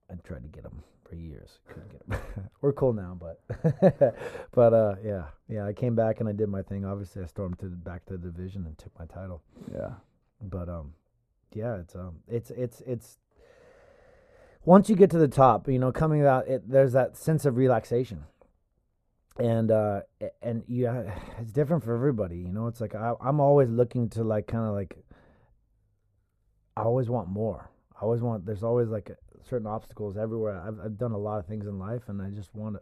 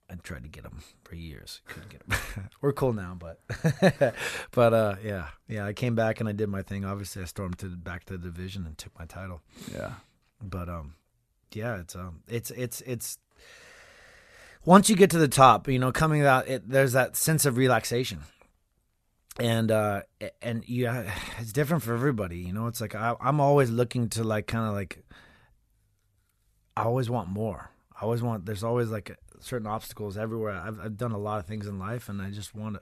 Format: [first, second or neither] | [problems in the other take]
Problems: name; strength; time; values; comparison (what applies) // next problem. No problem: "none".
second | muffled; very; fading above 1.5 kHz